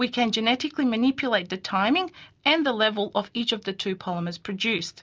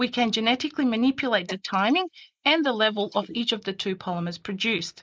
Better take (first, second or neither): first